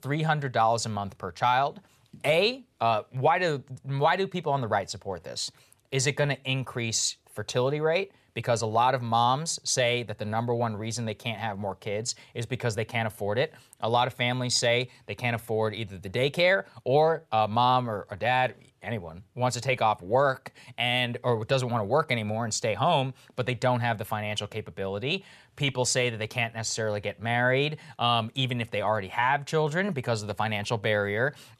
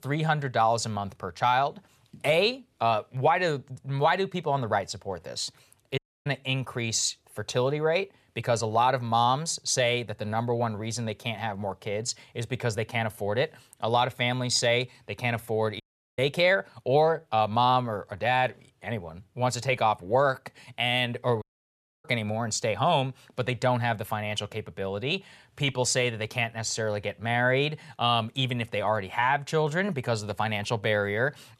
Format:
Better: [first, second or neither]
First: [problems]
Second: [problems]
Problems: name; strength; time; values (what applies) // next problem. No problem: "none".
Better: first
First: none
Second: audio cutting out; at 6 s, at 16 s and at 21 s for 0.5 s